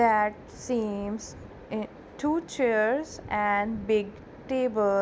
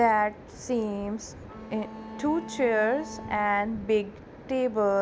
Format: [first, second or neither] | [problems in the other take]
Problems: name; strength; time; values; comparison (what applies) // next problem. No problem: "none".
first | background sound (Bowed string instrument); 14 dB below the speech